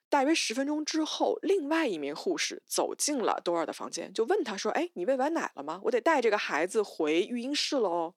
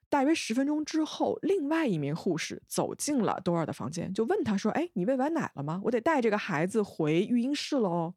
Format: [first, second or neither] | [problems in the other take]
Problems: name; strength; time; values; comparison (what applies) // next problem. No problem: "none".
second | thin; somewhat; fading below 300 Hz